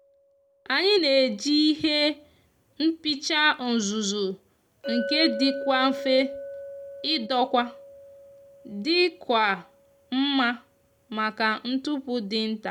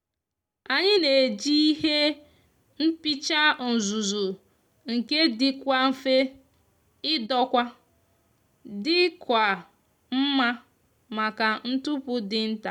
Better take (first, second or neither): second